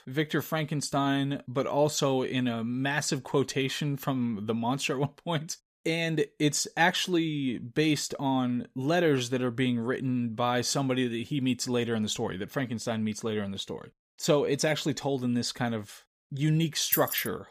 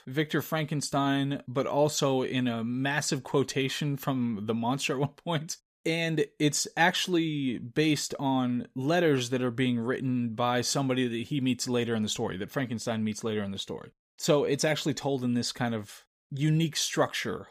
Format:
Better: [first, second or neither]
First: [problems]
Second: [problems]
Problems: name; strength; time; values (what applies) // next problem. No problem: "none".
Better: second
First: jangling keys; loud; at 17 s; peak 1 dB above the speech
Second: none